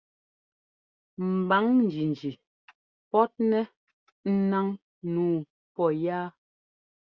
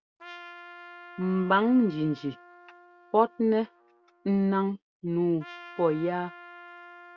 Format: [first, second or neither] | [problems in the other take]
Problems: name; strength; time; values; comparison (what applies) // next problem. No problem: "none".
first | background sound (Trumpet); 20 dB below the speech